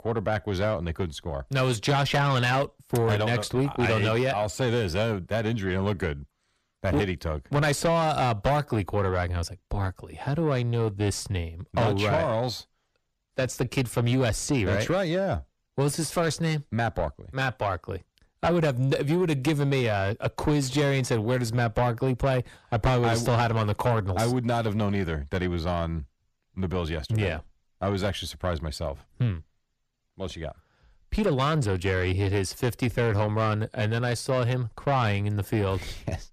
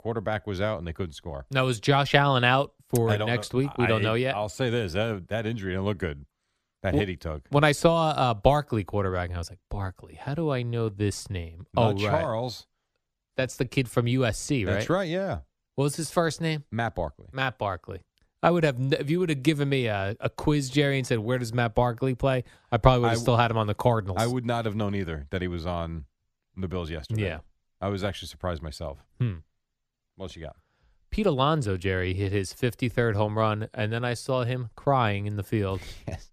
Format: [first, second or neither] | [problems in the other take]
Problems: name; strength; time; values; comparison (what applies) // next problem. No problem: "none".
second | distortion; heavy; 7 dB below the speech